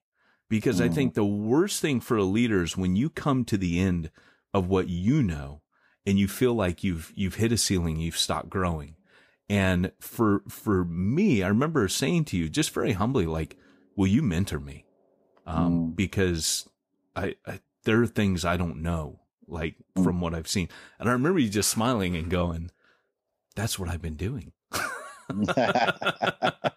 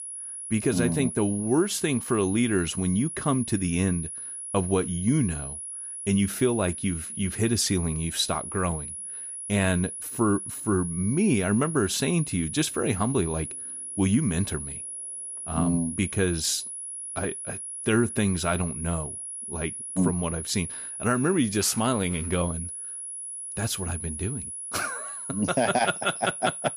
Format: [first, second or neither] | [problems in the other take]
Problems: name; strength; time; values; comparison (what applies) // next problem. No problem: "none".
first | high-pitched whine; loud; throughout; 10.5 kHz, 7 dB below the speech